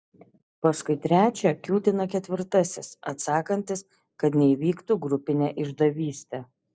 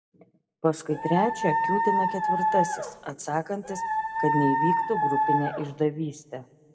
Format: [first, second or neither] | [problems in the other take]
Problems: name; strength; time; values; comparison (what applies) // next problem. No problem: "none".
first | background sound (Dog); 3 dB above the speech // room echo; dies away in 1.8 s